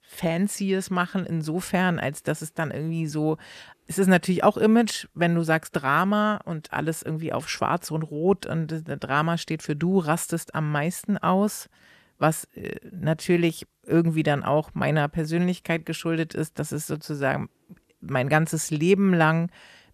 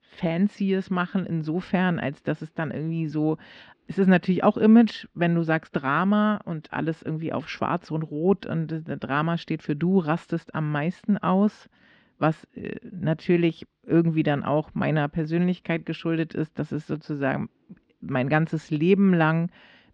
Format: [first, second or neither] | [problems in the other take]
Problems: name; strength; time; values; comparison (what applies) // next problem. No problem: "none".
first | muffled; slightly; fading above 4 kHz